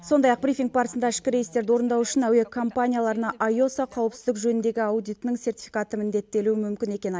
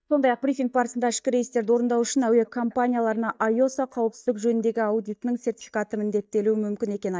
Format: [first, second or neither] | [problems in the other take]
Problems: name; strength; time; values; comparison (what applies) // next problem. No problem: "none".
first | noise reduction (neural mask model DeepFilterNet 3)